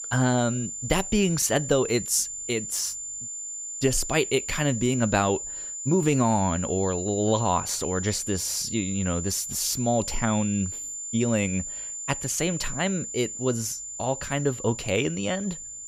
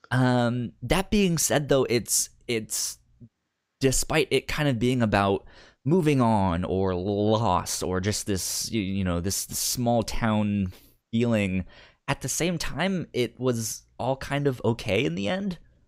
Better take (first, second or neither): second